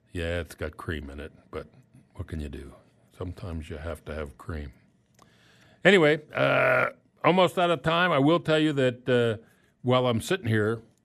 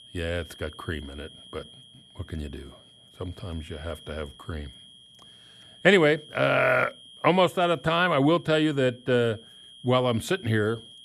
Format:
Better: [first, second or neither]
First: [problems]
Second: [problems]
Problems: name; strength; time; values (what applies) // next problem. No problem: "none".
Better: first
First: none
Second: high-pitched whine; faint; throughout; 3.5 kHz, 25 dB below the speech